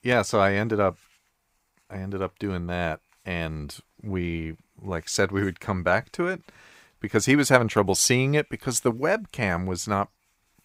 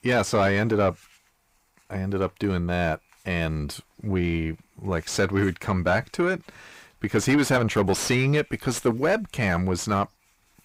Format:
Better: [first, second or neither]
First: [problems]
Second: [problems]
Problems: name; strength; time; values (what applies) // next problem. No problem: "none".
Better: first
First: none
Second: distortion; heavy; 7 dB below the speech